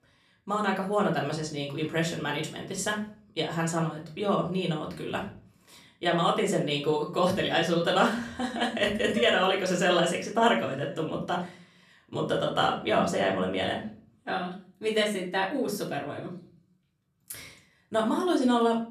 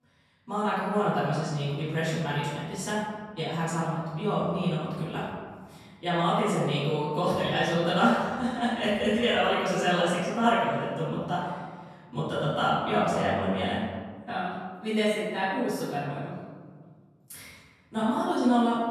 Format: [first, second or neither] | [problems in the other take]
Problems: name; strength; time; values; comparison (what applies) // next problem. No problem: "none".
first | room echo; strong; dies away in 1.5 s; slight in the first // off-mic speech; far; far in the first